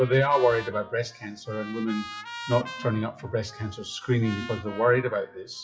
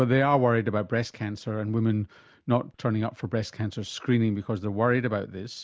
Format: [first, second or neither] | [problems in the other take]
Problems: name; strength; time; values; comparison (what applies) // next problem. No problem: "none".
second | noise reduction (classical method WPE with log-MMSE)